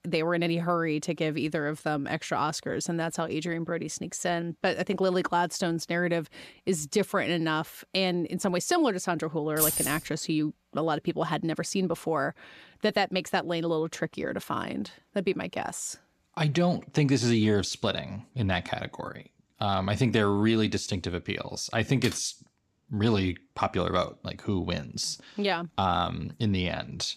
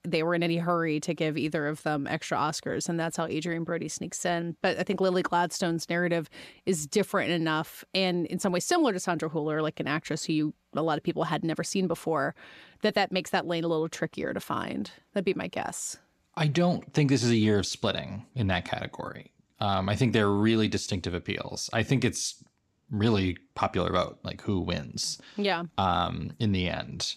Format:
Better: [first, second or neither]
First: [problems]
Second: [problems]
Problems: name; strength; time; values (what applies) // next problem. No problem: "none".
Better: second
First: jangling keys; loud; at 9.5 s; peak 4 dB above the speech // keyboard typing; noticeable; at 22 s; peak 9 dB below the speech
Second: none